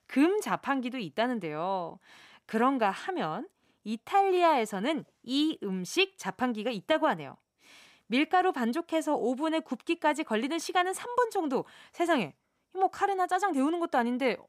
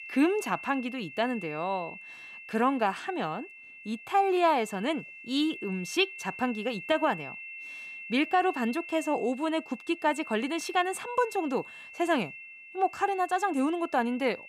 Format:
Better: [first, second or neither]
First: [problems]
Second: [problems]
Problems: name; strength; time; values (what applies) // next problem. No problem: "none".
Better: first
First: none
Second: high-pitched whine; noticeable; throughout; 2.5 kHz, 15 dB below the speech